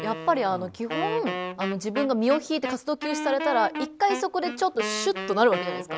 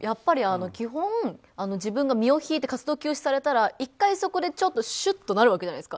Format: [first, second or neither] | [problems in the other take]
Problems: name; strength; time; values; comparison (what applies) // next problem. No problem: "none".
second | background sound (Wind instrument, woodwind instrument); 7 dB below the speech